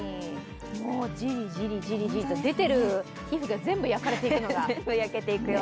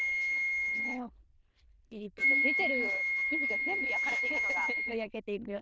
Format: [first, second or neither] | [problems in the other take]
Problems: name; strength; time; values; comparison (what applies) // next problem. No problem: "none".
first | noise reduction (neural diffusion model UNIVERSE++)